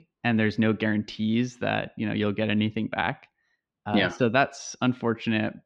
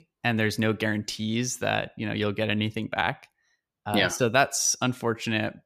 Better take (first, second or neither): second